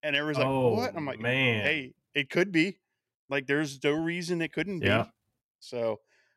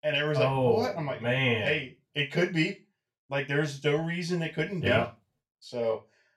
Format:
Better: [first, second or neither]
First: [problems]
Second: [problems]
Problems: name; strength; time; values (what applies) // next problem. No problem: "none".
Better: first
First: none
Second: room echo; very slight; dies away in 0.2 s // off-mic speech; far